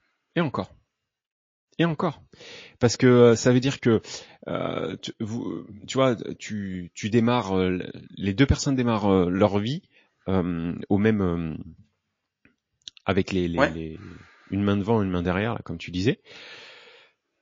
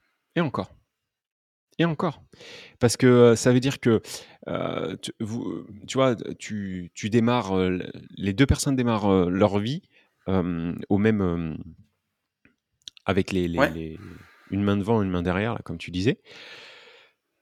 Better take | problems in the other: second | garbled, watery; slightly

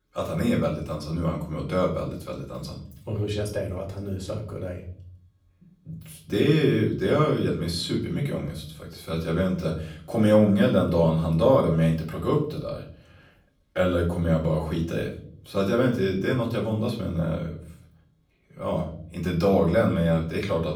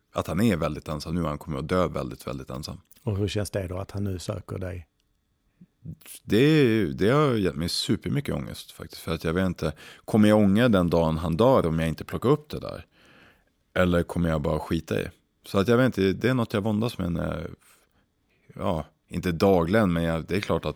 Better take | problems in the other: second | off-mic speech; far // room echo; slight; dies away in 0.6 s

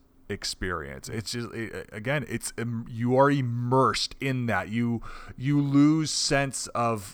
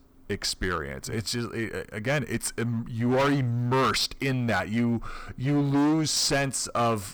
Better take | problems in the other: first | distortion; heavy; 13% of the sound clipped

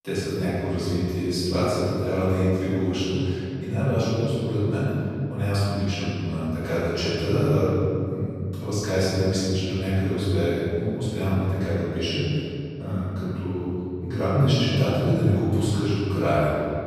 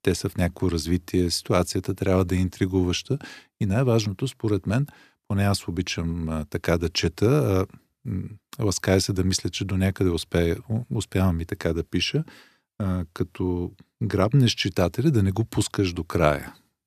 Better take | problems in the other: second | off-mic speech; far // room echo; strong; dies away in 2.4 s

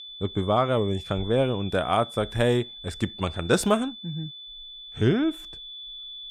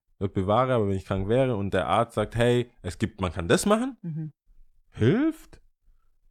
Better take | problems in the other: second | high-pitched whine; noticeable; throughout; 3.5 kHz, 15 dB below the speech

